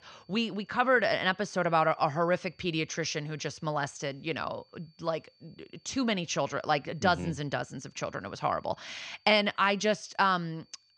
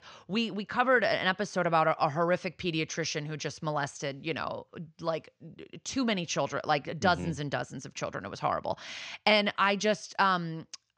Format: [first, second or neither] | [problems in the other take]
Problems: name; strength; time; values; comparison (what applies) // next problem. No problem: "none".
second | high-pitched whine; faint; throughout; 4.5 kHz, 35 dB below the speech